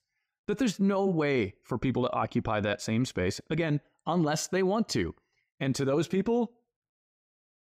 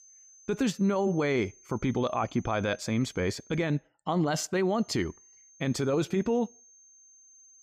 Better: first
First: none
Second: high-pitched whine; faint; until 3.5 s and from 4.5 s on; 6.5 kHz, 25 dB below the speech

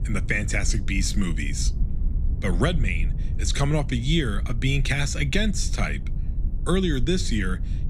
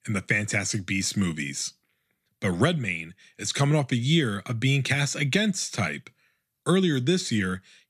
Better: second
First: low rumble; noticeable; throughout; 15 dB below the speech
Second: none

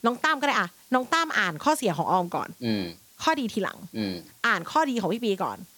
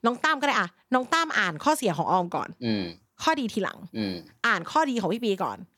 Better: second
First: hiss; faint; throughout; 25 dB below the speech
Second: none

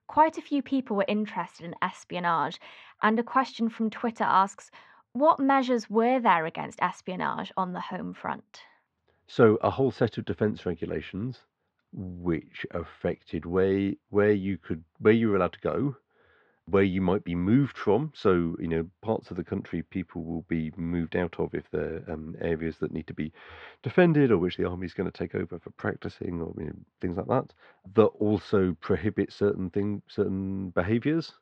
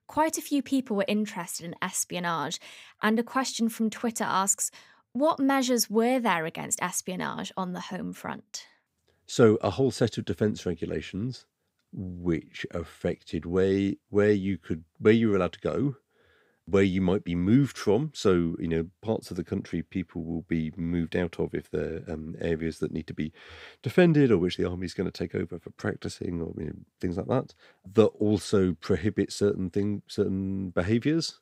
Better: second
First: muffled; very; fading above 3.5 kHz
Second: none

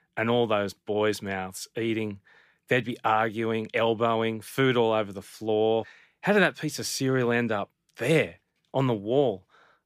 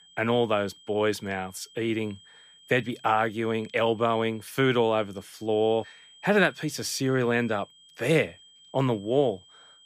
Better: first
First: none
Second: high-pitched whine; faint; throughout; 3 kHz, 25 dB below the speech

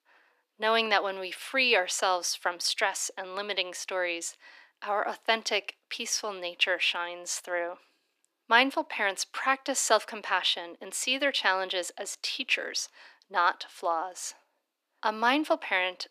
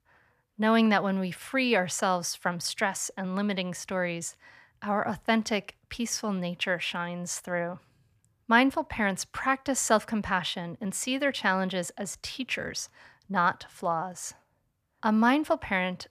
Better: second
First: thin; somewhat; fading below 300 Hz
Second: none

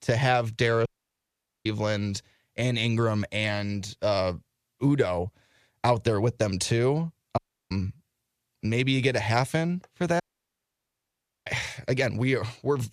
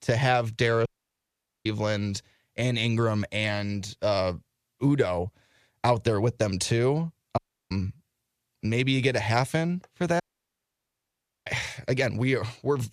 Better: neither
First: audio cutting out; at 1 s for 1 s, at 7.5 s and at 10 s for 1.5 s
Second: audio cutting out; at 1 s for 1 s, at 7.5 s and at 10 s for 1.5 s

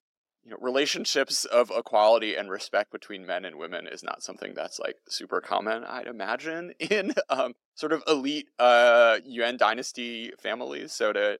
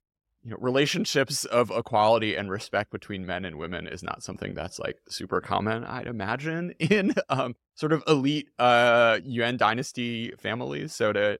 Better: second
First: thin; somewhat; fading below 250 Hz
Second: none

